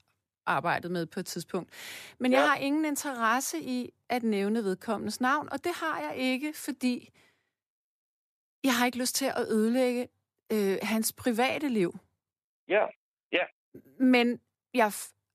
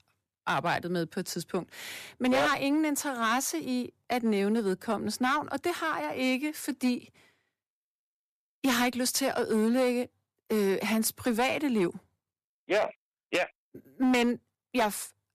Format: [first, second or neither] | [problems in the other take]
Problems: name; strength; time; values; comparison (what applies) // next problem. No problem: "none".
first | distortion; slight; 5% of the sound clipped